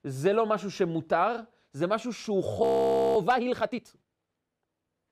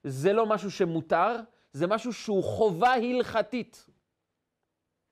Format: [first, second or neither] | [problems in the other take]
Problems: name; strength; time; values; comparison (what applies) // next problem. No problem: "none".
second | audio freezing; at 2.5 s for 0.5 s